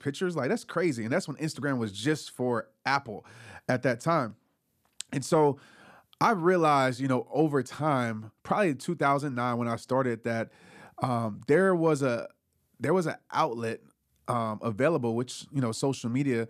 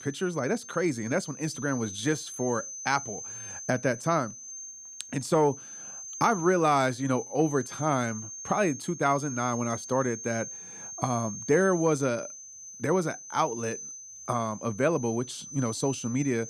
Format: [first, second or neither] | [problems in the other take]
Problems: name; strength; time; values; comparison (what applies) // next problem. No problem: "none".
first | high-pitched whine; noticeable; throughout; 6 kHz, 10 dB below the speech